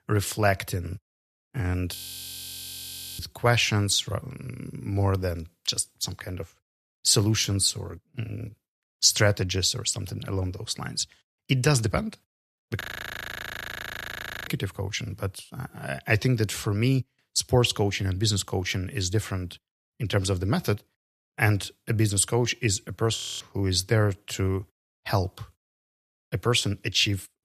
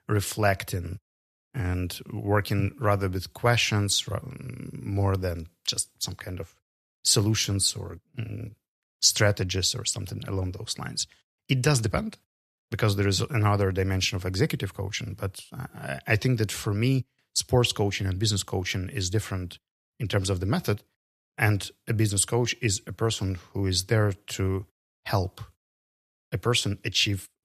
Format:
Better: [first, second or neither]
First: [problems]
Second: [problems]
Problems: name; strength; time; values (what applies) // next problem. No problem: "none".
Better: second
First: audio freezing; at 2 s for 1 s, at 13 s for 1.5 s and at 23 s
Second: none